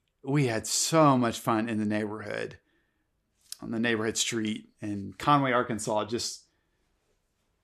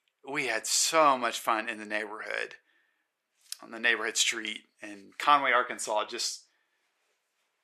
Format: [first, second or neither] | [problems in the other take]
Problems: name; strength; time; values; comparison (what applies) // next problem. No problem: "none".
first | thin; very; fading below 600 Hz